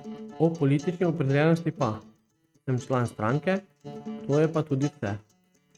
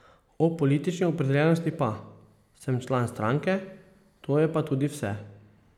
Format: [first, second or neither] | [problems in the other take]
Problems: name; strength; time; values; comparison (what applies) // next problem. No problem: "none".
second | noise reduction (neural mask model RNNoise)